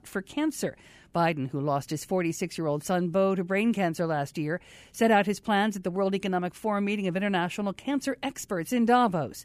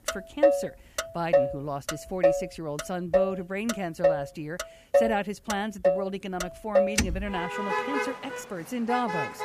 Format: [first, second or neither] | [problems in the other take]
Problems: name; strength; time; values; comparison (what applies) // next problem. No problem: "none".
first | traffic noise; very loud; throughout; 5 dB above the speech